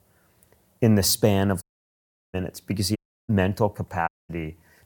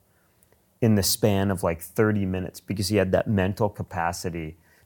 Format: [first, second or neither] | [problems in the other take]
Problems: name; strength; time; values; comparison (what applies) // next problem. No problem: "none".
second | audio cutting out; at 1.5 s for 0.5 s, at 3 s and at 4 s